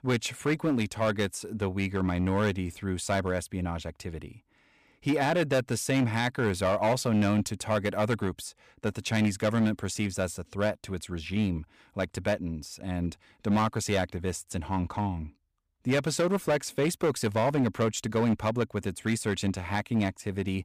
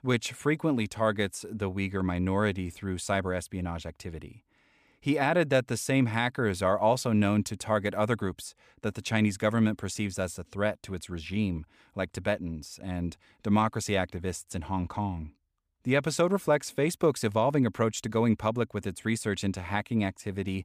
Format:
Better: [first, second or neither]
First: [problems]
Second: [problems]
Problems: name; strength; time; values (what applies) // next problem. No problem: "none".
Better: second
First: distortion; slight; 6% of the sound clipped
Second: none